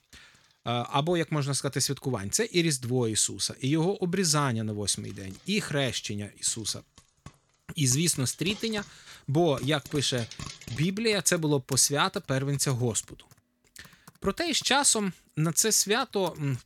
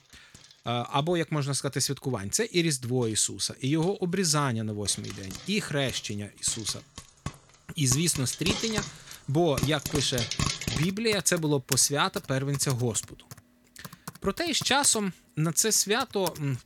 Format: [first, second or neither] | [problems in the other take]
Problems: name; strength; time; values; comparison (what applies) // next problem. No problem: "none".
first | household noises; loud; throughout; 9 dB below the speech; faint in the first